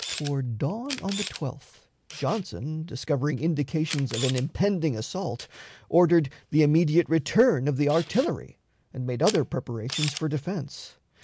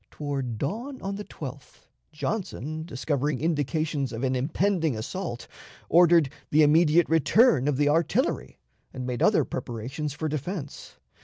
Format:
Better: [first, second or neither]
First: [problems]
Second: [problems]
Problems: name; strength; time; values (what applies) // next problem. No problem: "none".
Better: second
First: background sound (Camera); 15 dB below the speech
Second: none